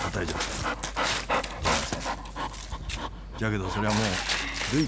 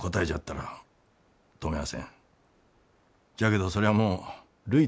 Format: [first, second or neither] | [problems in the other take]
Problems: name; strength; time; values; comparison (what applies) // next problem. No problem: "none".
second | background sound (Dog); 2 dB above the speech